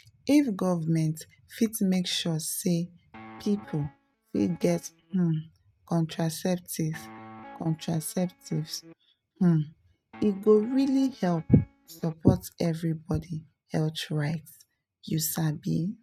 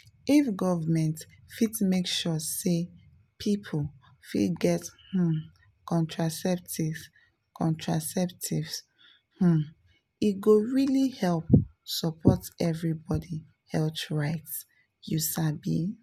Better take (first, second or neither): second